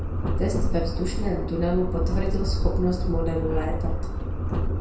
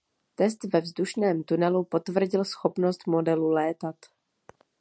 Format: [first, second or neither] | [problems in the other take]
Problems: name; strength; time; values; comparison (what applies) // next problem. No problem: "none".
second | background sound (Subway, metro, underground); 4 dB above the speech // room echo; dies away in 0.5 s